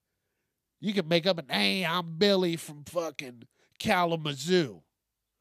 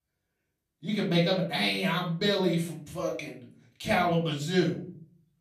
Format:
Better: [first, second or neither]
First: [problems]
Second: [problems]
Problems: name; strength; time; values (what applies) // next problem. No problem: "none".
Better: first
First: none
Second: off-mic speech; far // room echo; slight; dies away in 0.5 s